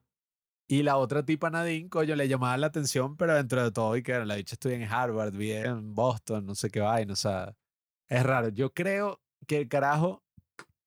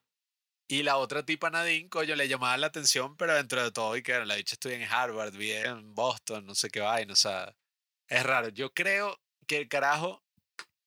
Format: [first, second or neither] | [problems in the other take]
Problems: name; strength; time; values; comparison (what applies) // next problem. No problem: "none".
first | thin; somewhat; fading below 950 Hz